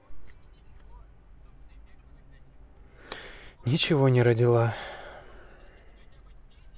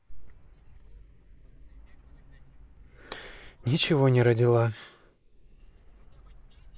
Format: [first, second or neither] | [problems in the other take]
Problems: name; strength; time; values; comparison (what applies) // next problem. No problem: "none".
first | noise reduction (neural mask model Resemble Enhance denoiser)